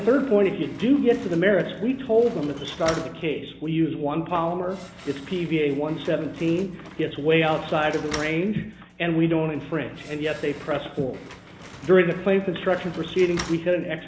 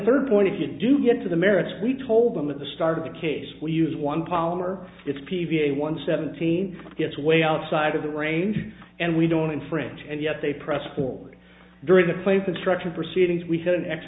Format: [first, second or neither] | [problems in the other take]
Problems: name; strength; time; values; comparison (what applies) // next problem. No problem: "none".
second | background sound (Slam); 18 dB below the speech